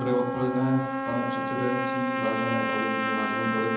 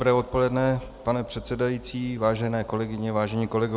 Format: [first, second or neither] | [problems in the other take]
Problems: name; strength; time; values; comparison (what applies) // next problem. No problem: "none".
second | background sound (Trumpet); 1 dB below the speech // room echo; dies away in 0.8 s